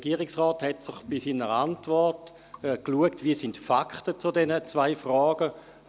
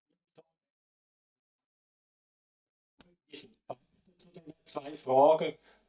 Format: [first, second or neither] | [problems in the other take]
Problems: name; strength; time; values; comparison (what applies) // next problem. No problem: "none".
first | noise reduction (neural mask model DeepFilterNet 3)